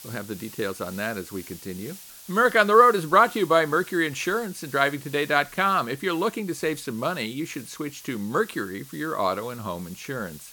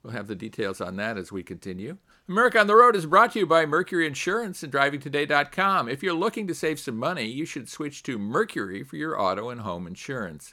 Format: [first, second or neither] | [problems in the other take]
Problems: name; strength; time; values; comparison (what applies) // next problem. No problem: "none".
second | hiss; noticeable; throughout; 20 dB below the speech